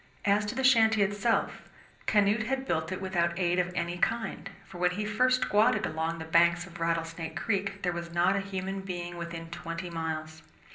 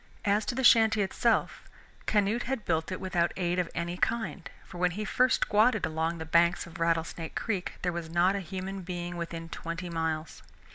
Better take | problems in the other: second | room echo; dies away in 0.5 s

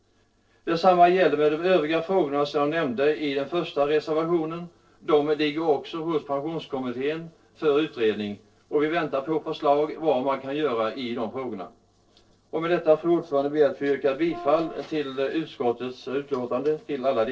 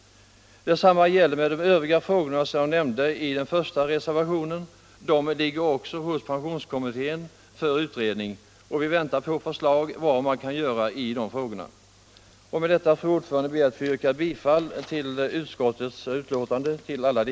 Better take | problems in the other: second | noise reduction (neural separator model SepFormer DNS4)

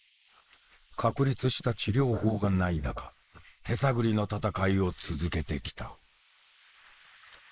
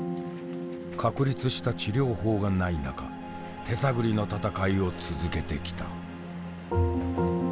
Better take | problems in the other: second | noise reduction (neural mask model Resemble Enhance denoiser)

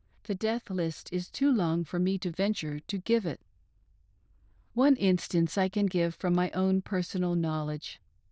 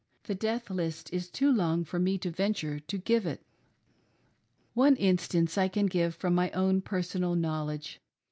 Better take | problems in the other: second | noise reduction (neural diffusion model UNIVERSE++)

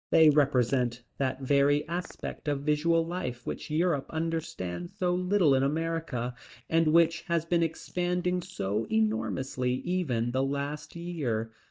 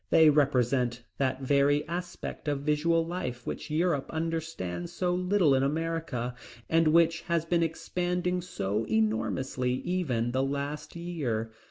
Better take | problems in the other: second | noise reduction (neural mask model DeepFilterNet 3)

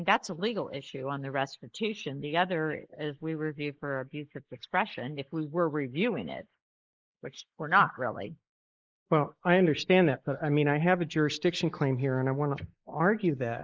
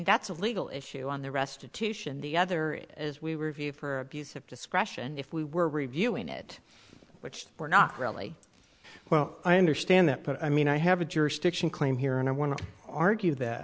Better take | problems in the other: second | noise reduction (neural mask model Resemble Enhance denoiser)

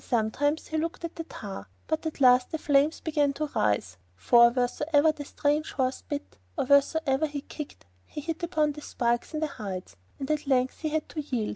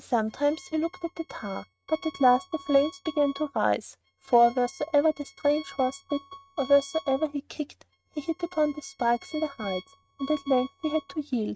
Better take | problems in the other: first | noise reduction (neural mask model RNNoise)

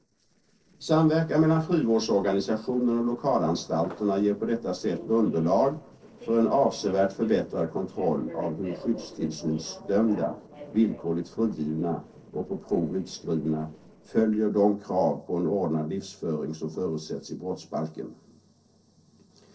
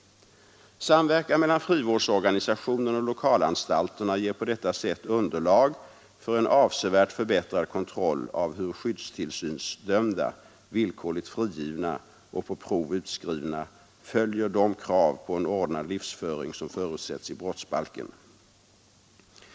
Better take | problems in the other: second | noise reduction (neural separator model SepFormer DNS4)

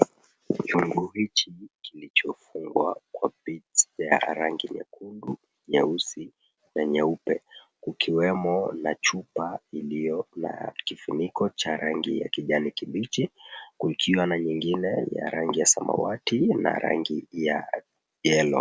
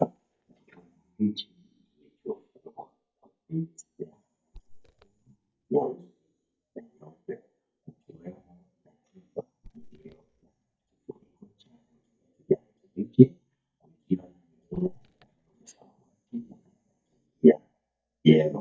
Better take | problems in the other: first | noise reduction (neural mask model DeepFilterNet 3)

